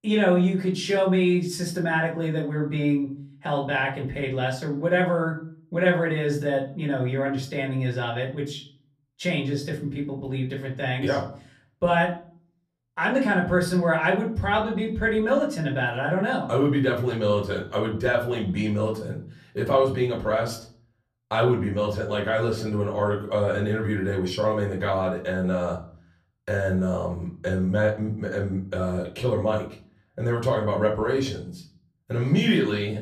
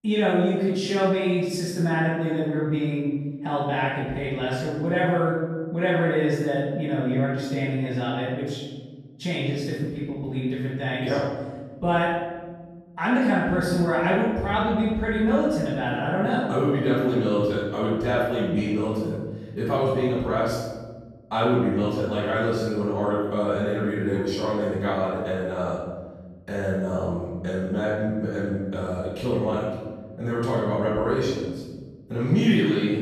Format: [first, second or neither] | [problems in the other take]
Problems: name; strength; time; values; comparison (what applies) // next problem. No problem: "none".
first | room echo; strong; dies away in 1.5 s; slight in the first // off-mic speech; far; far in the first